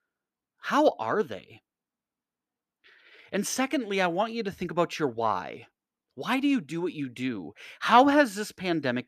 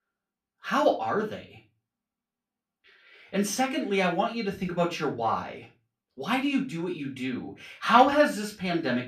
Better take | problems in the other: first | off-mic speech; far // room echo; very slight; dies away in 0.3 s

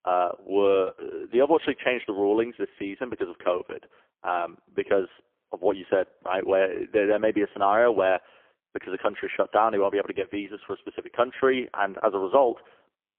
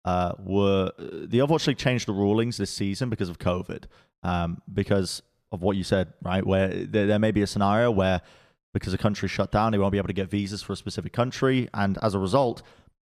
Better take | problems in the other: second | phone-call audio; poor line; nothing above 3.5 kHz

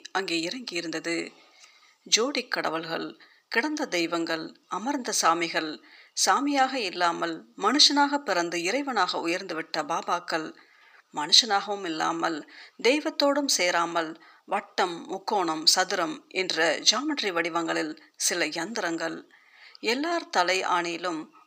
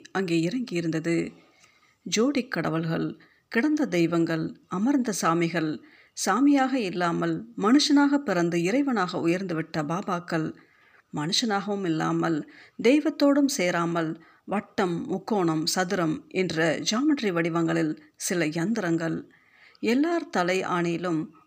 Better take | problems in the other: second | thin; somewhat; fading below 450 Hz

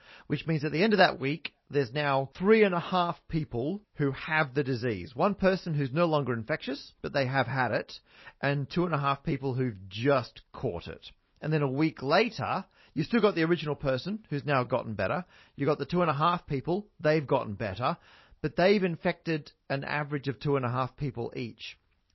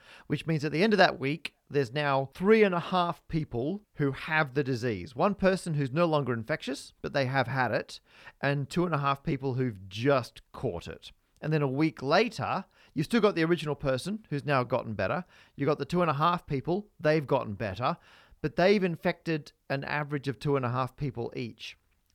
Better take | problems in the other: second | garbled, watery; slightly; nothing above 5.5 kHz

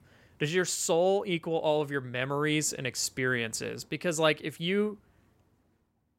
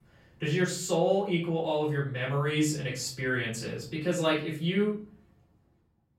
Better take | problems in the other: first | off-mic speech; far // room echo; slight; dies away in 0.5 s

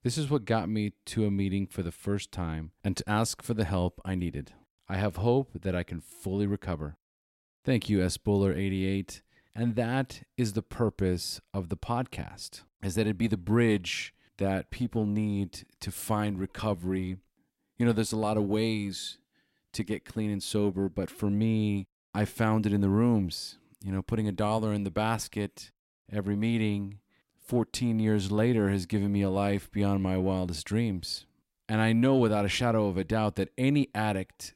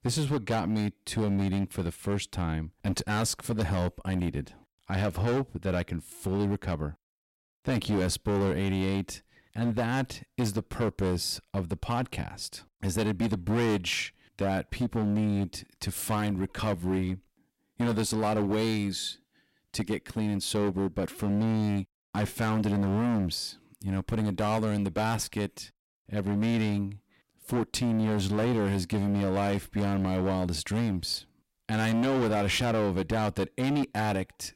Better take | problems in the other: first | distortion; heavy; 16% of the sound clipped

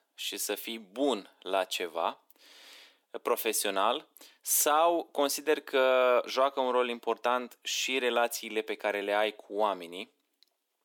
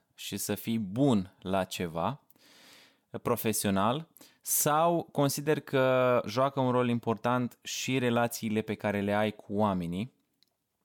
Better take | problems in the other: second | thin; somewhat; fading below 300 Hz

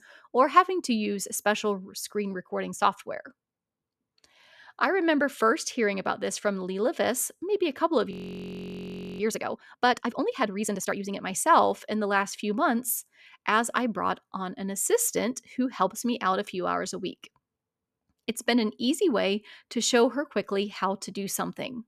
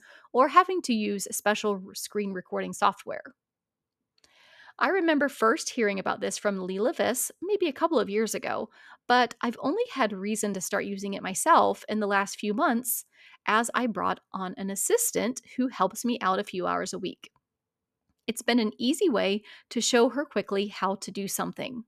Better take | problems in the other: second | audio freezing; at 8 s for 1 s

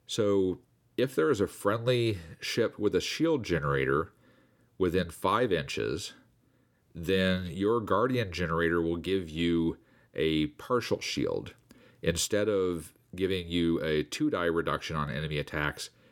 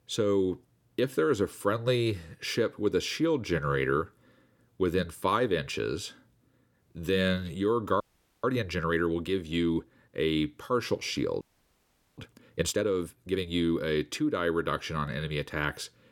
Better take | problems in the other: first | audio freezing; at 8 s and at 11 s for 1 s

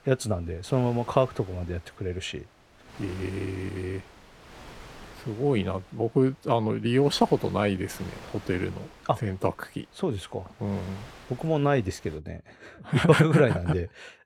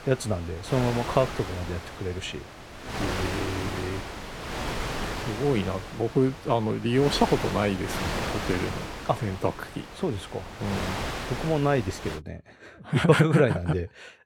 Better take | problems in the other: first | wind noise on the microphone; heavy; until 12 s; 5 dB below the speech; occasional gusts in the first

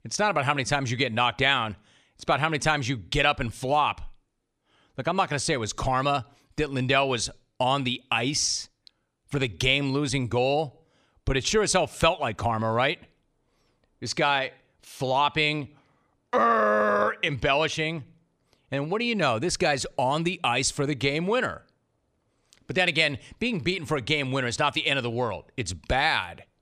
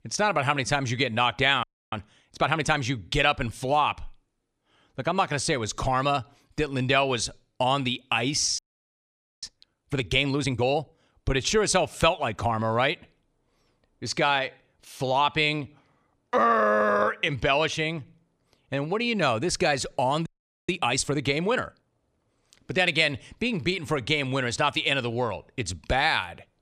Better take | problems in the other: first | audio freezing; at 1.5 s, at 8.5 s for 1 s and at 20 s

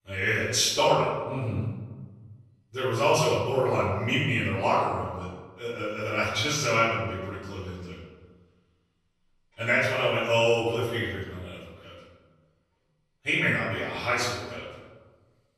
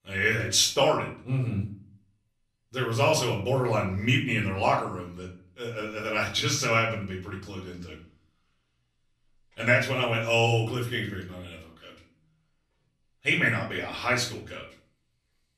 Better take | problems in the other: second | room echo; strong; dies away in 1.2 s; slight in the second // off-mic speech; far; far in the second

